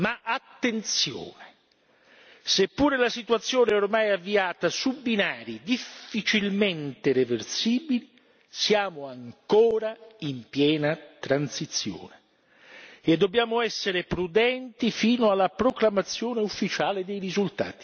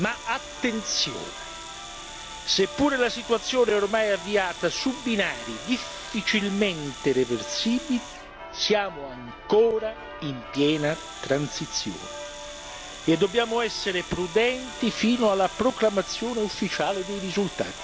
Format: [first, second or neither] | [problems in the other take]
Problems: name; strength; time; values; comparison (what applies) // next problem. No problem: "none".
first | background sound (Domestic sounds, home sounds + Church bell); 12 dB below the speech